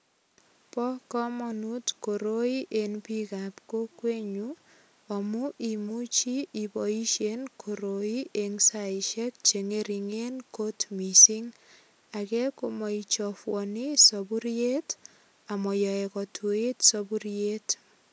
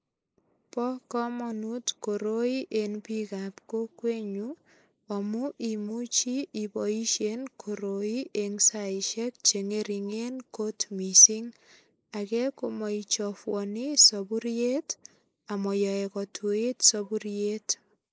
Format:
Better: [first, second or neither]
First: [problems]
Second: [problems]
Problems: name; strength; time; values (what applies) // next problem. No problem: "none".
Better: first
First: none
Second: noise reduction (neural mask model Resemble Enhance denoiser)